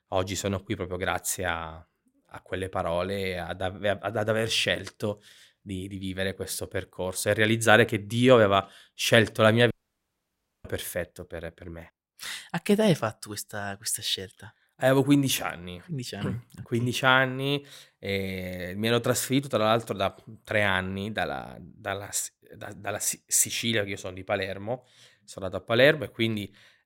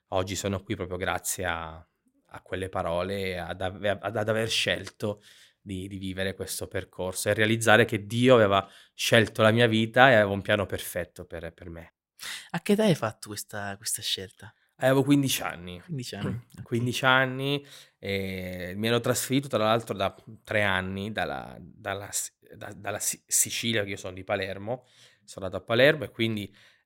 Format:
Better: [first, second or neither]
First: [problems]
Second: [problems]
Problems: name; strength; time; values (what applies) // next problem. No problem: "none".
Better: second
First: audio cutting out; at 9.5 s for 1 s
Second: none